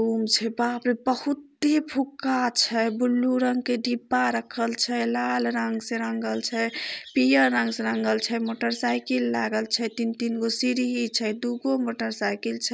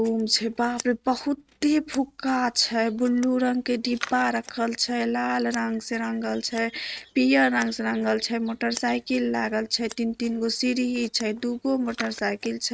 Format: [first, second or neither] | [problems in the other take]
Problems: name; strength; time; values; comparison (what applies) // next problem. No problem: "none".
first | noise reduction (neural mask model RNNoise)